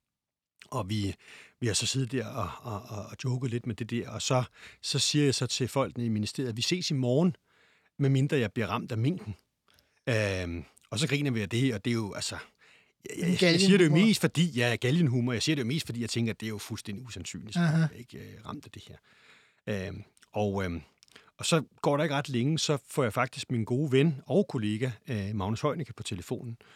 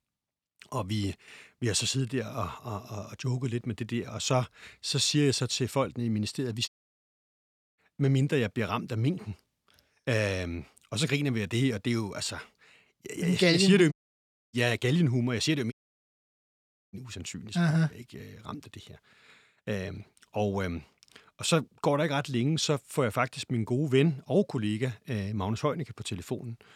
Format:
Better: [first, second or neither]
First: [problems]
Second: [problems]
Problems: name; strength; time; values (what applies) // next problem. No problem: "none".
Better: first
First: none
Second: audio cutting out; at 6.5 s for 1 s, at 14 s for 0.5 s and at 16 s for 1 s